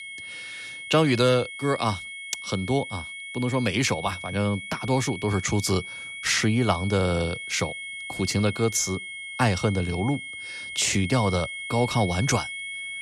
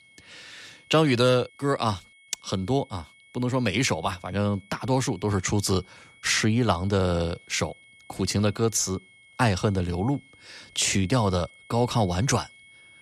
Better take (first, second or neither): second